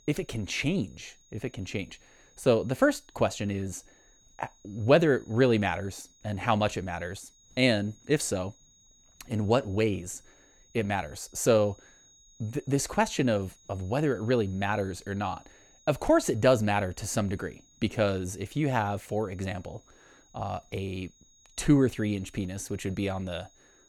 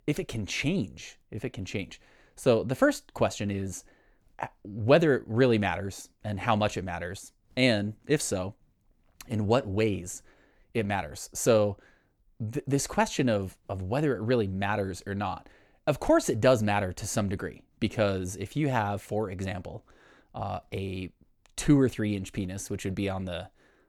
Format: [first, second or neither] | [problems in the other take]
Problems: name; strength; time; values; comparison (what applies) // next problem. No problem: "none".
second | high-pitched whine; faint; throughout; 6.5 kHz, 30 dB below the speech